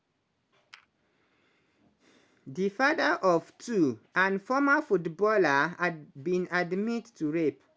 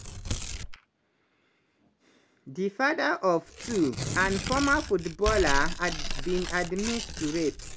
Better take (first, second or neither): first